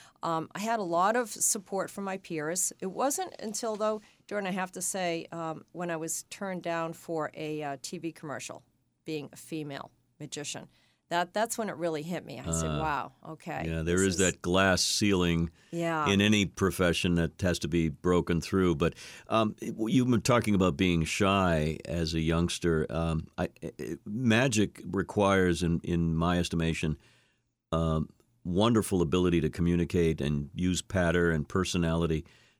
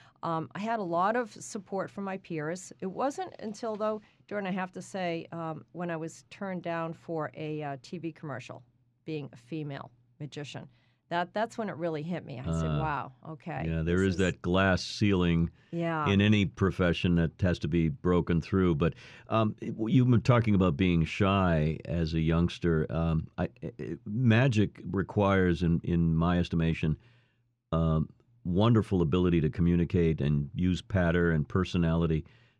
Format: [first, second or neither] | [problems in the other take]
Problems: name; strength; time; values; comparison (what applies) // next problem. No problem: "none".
first | muffled; slightly; fading above 3.5 kHz